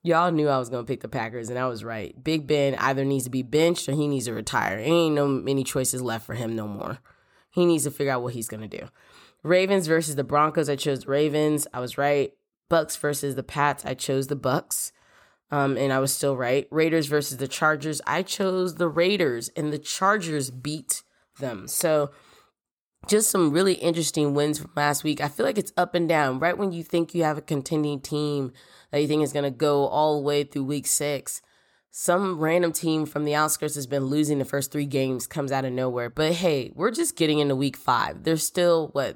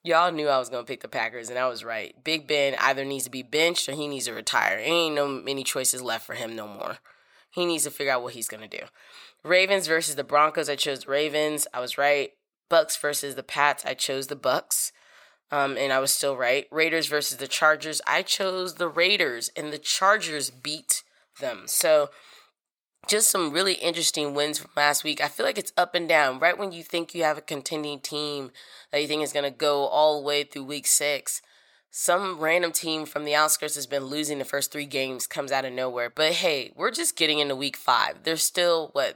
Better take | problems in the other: first | thin; somewhat; fading below 950 Hz

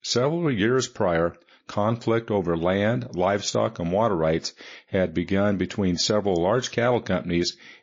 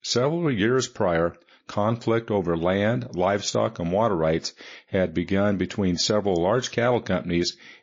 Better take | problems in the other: neither | garbled, watery; slightly; nothing above 6 kHz; the same in both

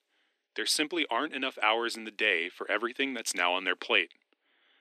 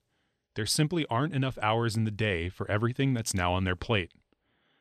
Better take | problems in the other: second | thin; somewhat; fading below 300 Hz

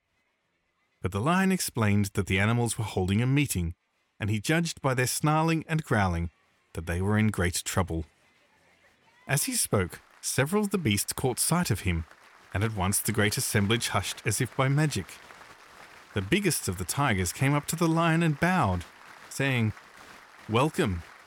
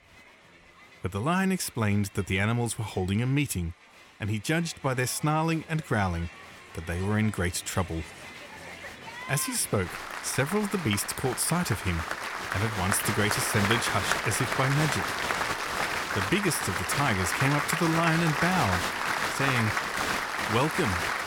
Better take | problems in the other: first | crowd noise; loud; throughout; 2 dB below the speech; faint in the first

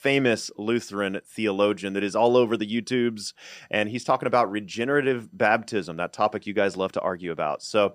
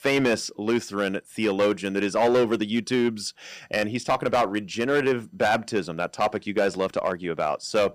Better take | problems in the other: first | distortion; slight; 5% of the sound clipped

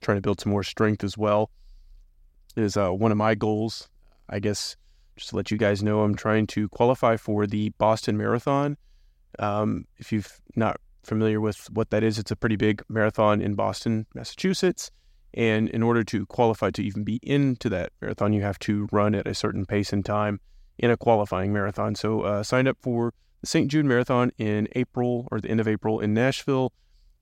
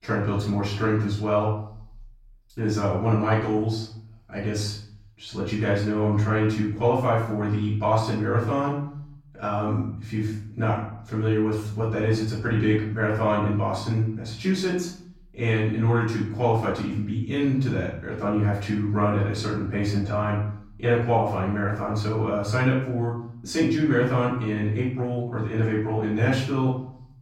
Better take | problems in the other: first | room echo; noticeable; dies away in 0.6 s // off-mic speech; far

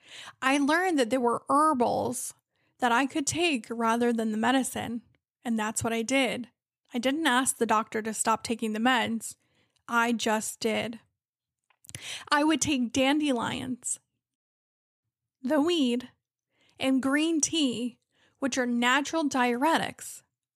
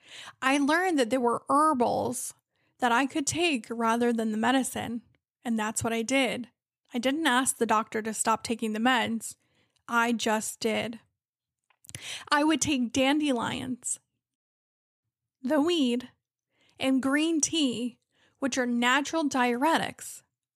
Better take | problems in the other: neither | audio cutting out; at 14 s for 0.5 s; the same in both

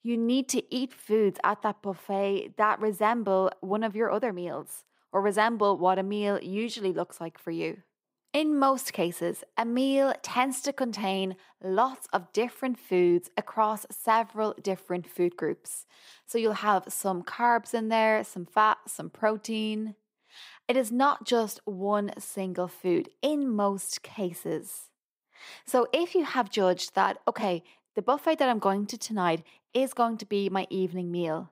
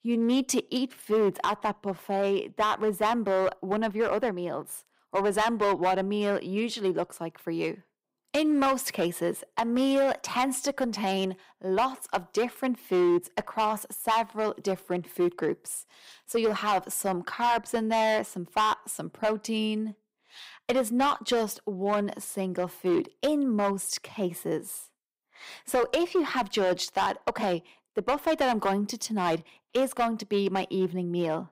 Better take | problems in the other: first | distortion; slight; 5% of the sound clipped

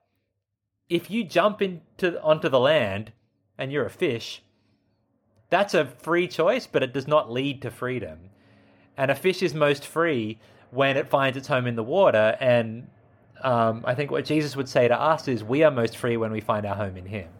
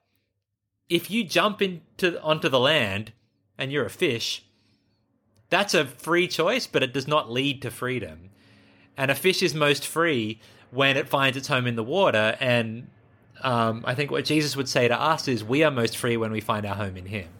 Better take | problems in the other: second | muffled; slightly; fading above 2.5 kHz

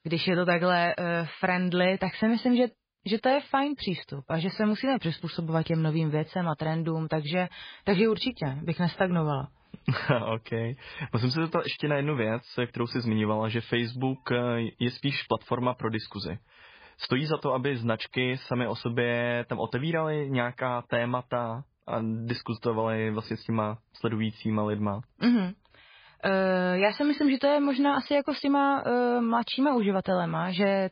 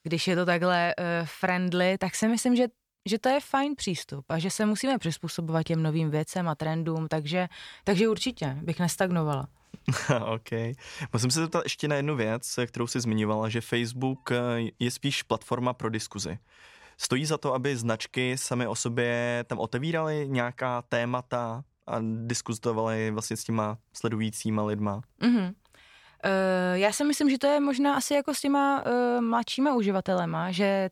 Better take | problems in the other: second | garbled, watery; badly; nothing above 5 kHz

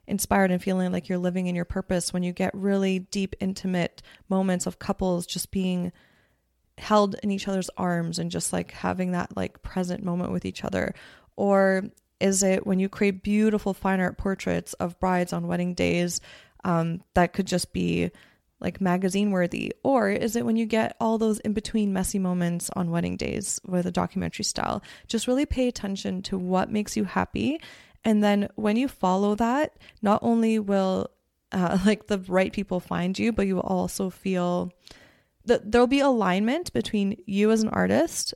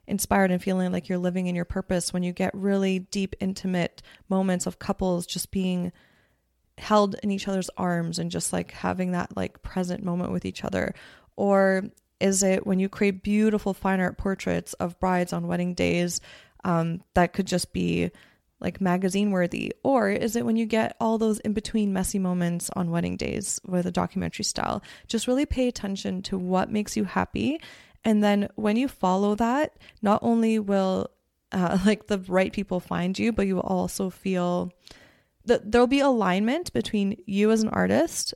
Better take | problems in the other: neither | none

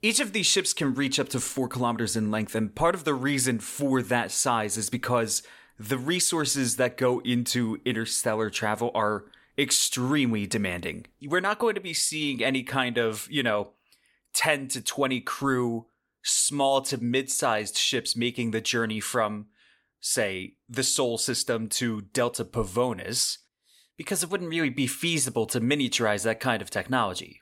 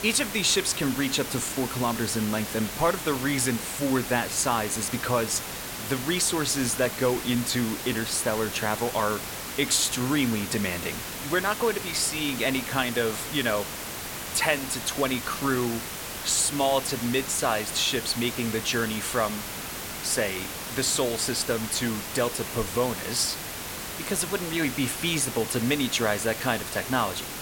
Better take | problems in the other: first | hiss; loud; throughout; 7 dB below the speech

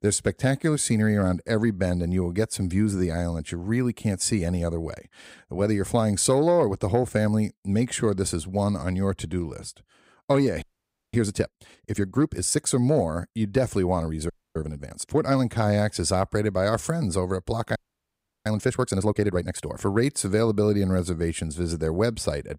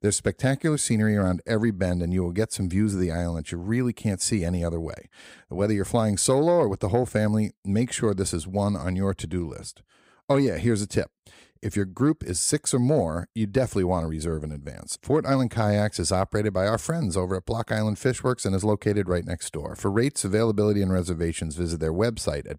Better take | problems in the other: second | audio freezing; at 11 s for 0.5 s, at 14 s and at 18 s for 0.5 s

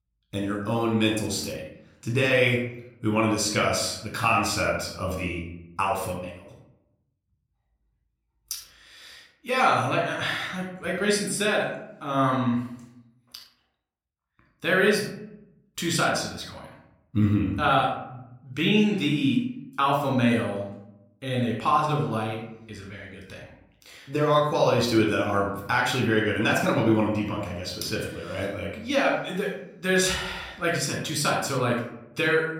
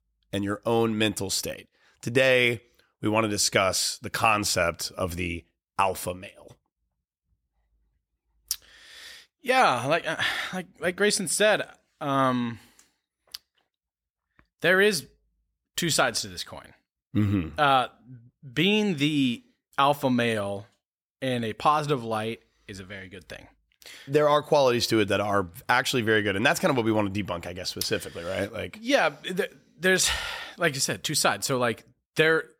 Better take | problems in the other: second | off-mic speech; somewhat distant // room echo; noticeable; dies away in 0.7 s

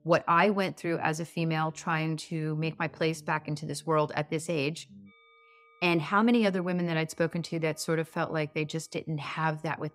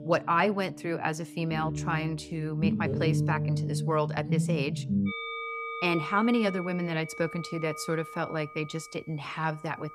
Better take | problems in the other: first | background music; loud; throughout; 2 dB below the speech; faint in the first

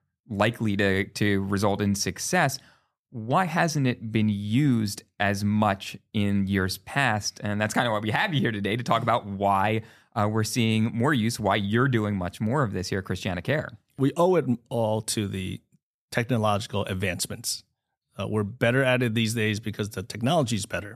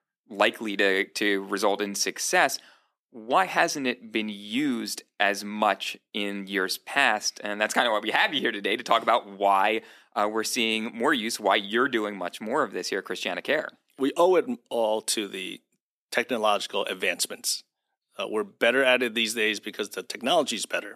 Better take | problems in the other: first | thin; somewhat; fading below 300 Hz

